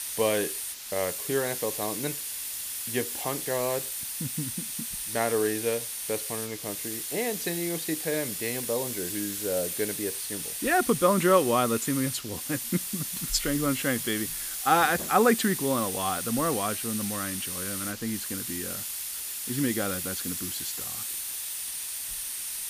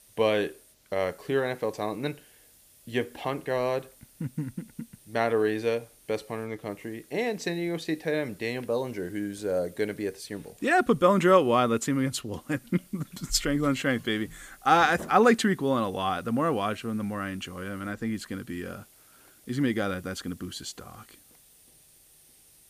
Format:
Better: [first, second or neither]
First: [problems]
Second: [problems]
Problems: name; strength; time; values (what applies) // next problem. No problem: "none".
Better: second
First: hiss; loud; throughout; 2 dB below the speech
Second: hiss; faint; throughout; 25 dB below the speech